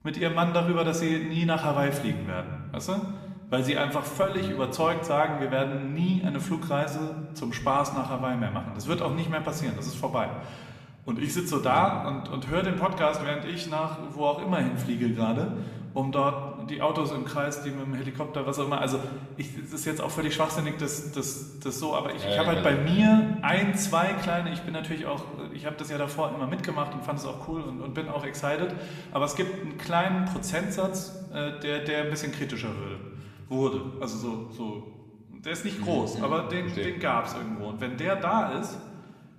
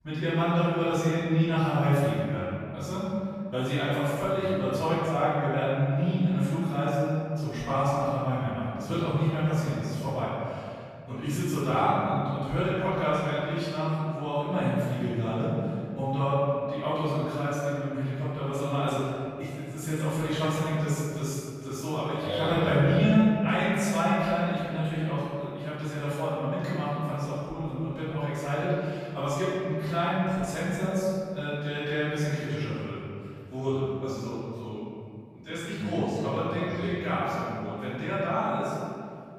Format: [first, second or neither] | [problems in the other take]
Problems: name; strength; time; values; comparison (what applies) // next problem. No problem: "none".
first | room echo; strong; dies away in 2.2 s; slight in the first // off-mic speech; far